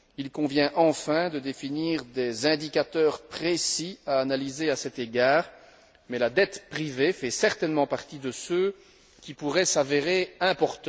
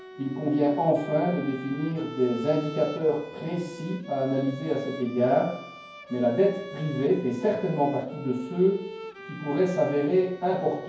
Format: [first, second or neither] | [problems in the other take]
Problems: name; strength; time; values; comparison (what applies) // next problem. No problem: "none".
first | background sound (Bowed string instrument); 15 dB below the speech // room echo; dies away in 0.9 s